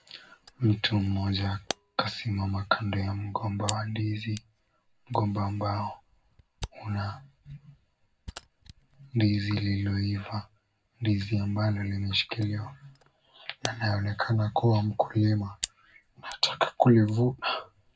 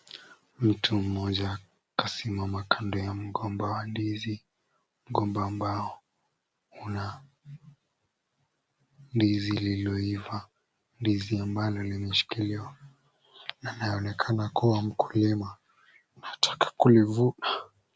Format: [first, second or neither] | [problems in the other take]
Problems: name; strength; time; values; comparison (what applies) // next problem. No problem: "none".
second | background sound (Camera); 18 dB below the speech // room echo; dies away in 0.3 s